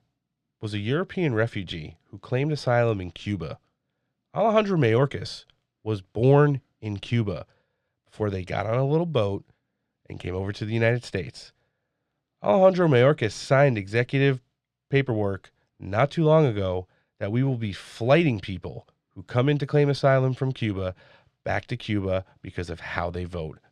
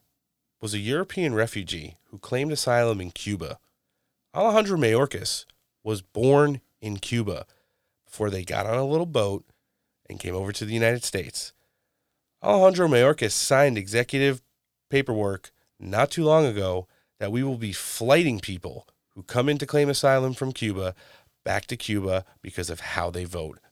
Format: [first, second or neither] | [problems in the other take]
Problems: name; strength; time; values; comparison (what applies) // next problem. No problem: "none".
second | muffled; slightly; fading above 3.5 kHz